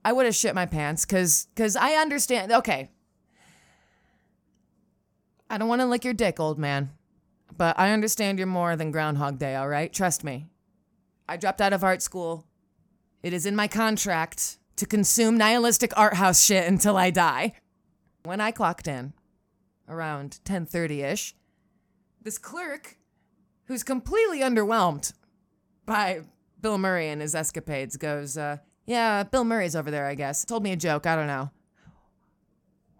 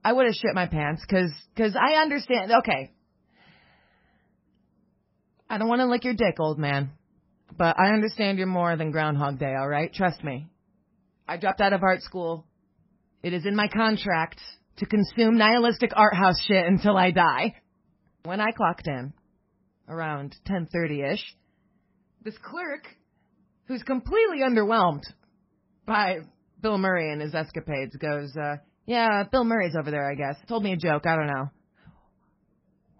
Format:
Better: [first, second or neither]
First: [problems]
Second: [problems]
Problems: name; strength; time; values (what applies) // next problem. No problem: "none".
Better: first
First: none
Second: garbled, watery; badly; nothing above 5.5 kHz